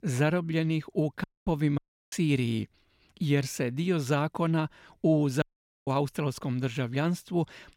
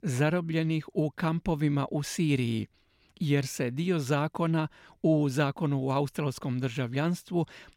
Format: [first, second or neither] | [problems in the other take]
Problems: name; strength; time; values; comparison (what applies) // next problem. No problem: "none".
second | audio cutting out; at 1 s, at 2 s and at 5.5 s